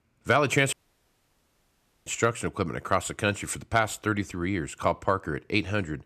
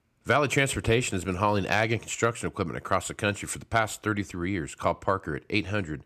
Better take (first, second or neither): second